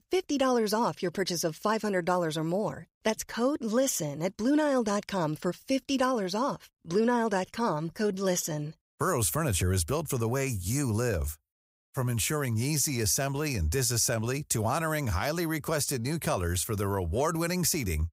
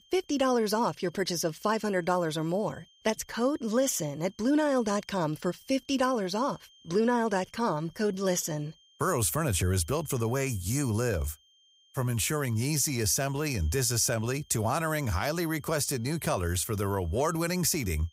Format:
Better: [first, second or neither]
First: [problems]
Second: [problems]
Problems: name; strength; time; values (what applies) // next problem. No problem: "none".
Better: first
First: none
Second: high-pitched whine; faint; throughout; 3 kHz, 30 dB below the speech